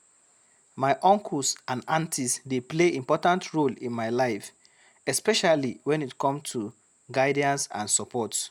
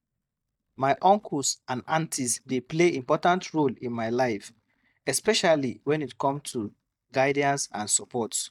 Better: first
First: none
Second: noise reduction (neural mask model DeepFilterNet 3)

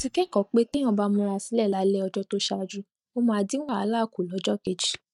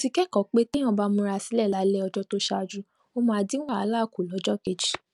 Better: second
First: noise reduction (neural mask model DeepFilterNet 3)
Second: none

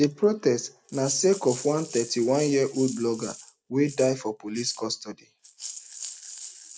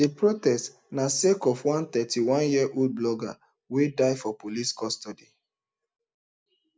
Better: second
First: background sound (Rattle (instrument)); 15 dB below the speech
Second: none

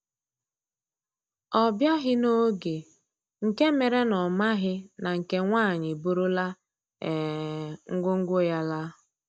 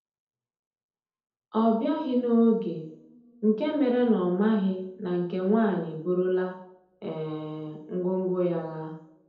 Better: first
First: none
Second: room echo; dies away in 2 s

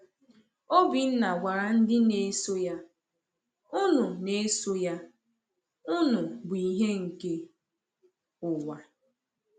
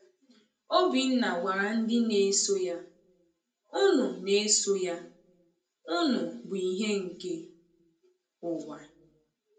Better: first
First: none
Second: room echo; dies away in 0.2 s

